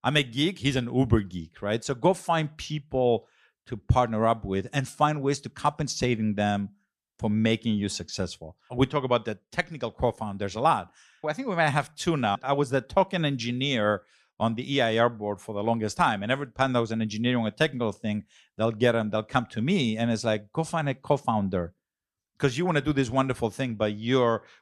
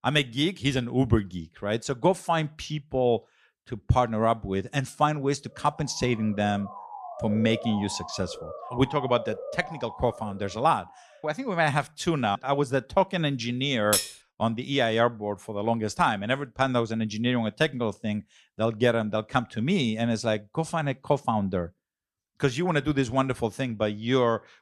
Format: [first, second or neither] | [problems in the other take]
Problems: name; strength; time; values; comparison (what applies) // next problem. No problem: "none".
first | siren; noticeable; from 5.5 to 11 s; peak 8 dB below the speech // clattering dishes; loud; at 14 s; peak 1 dB above the speech